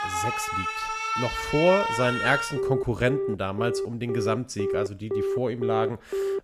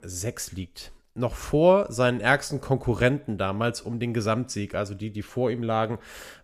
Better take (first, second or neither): second